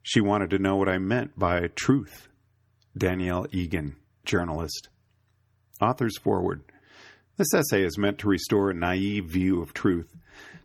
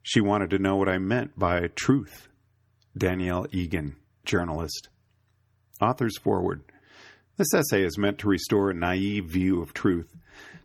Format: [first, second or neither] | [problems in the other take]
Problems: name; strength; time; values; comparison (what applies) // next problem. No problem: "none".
neither | none